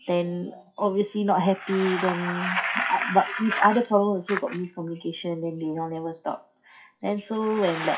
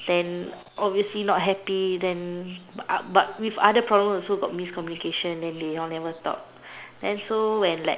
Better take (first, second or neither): second